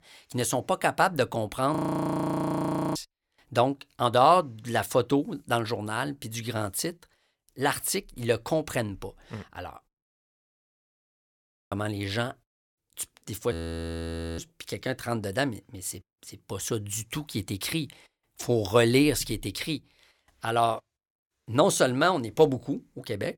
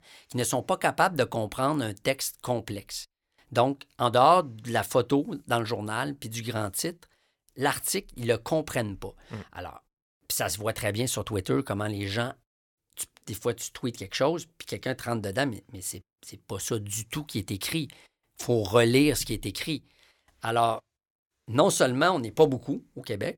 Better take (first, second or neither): second